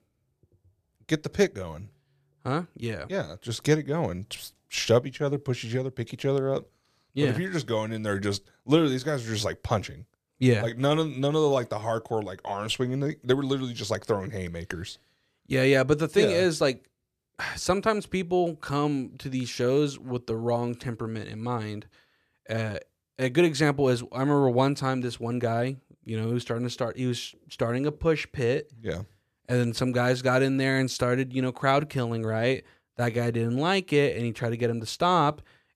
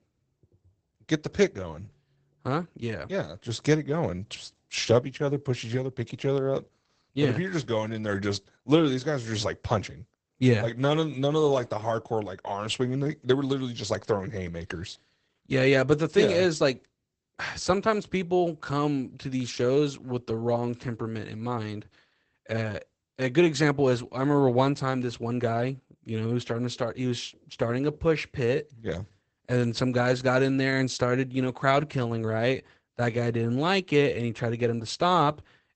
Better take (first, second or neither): first